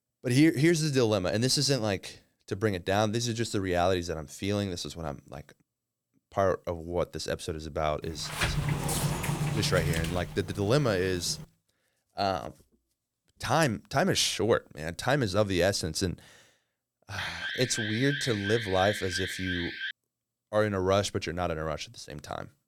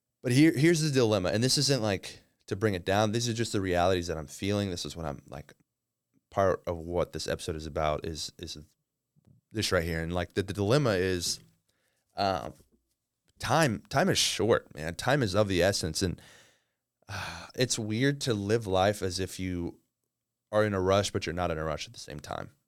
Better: second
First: door banging; noticeable; from 8 to 11 s; peak level with the speech // alarm; noticeable; from 17 to 20 s; peak 5 dB below the speech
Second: none

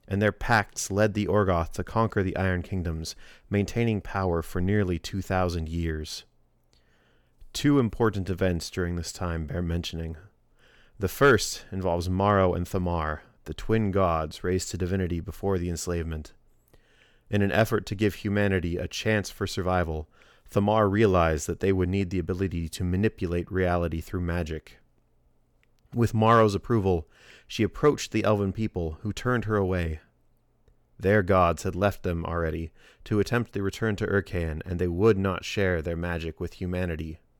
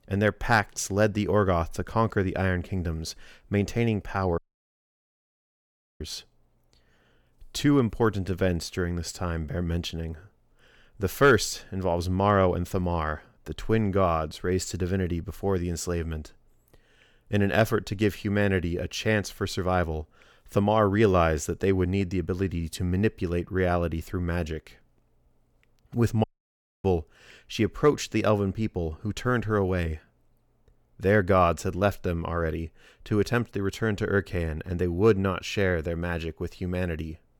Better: first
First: none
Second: audio cutting out; at 4.5 s for 1.5 s and at 26 s for 0.5 s

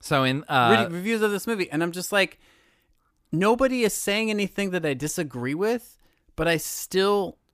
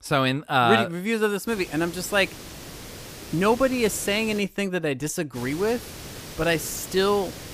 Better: first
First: none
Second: hiss; noticeable; from 1.5 to 4.5 s and from 5.5 s on; 15 dB below the speech

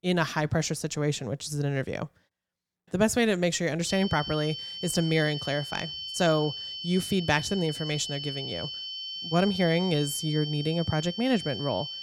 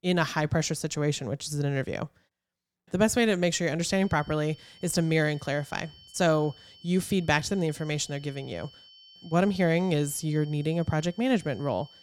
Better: second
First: high-pitched whine; loud; from 4 s on; 3 kHz, 7 dB below the speech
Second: high-pitched whine; faint; from 4 s on; 3 kHz, 25 dB below the speech

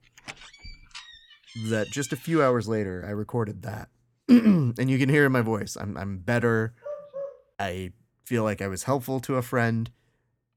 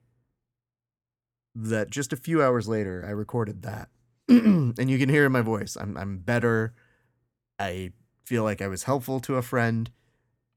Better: second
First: door banging; faint; until 2.5 s; peak 15 dB below the speech // dog barking; faint; at 7 s; peak 10 dB below the speech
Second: none

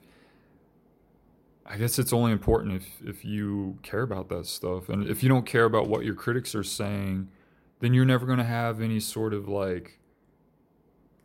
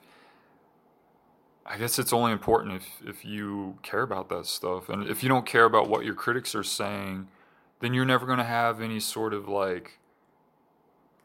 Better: first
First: none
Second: thin; somewhat; fading below 700 Hz

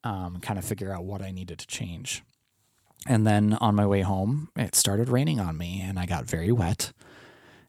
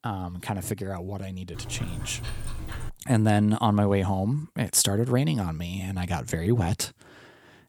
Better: first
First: none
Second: dog barking; noticeable; from 1.5 to 3 s; peak 10 dB below the speech

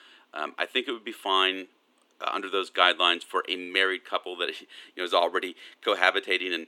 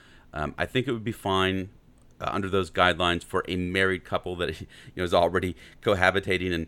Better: second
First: thin; somewhat; fading below 300 Hz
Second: none

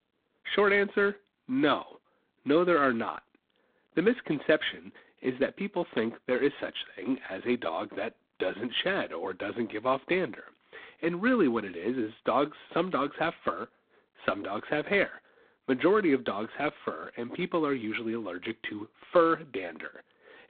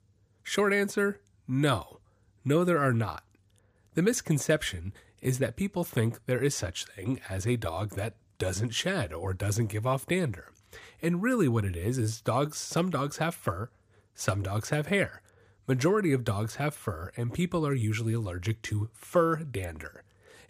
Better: second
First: phone-call audio; poor line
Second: none

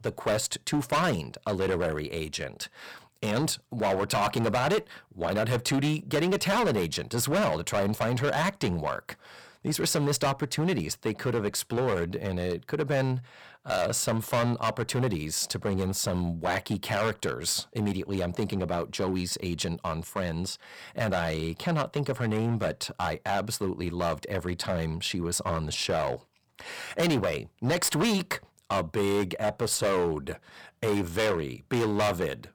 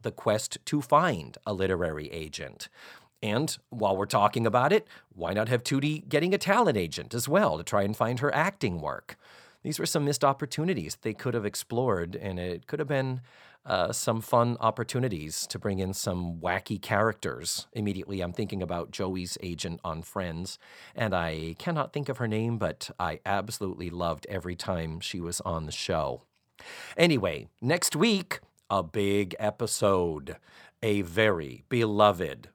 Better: second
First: distortion; heavy; 11% of the sound clipped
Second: none

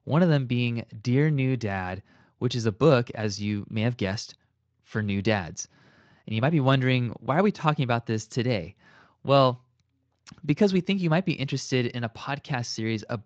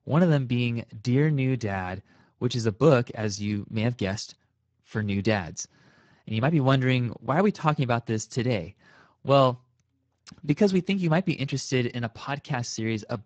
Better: first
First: garbled, watery; slightly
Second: garbled, watery; badly

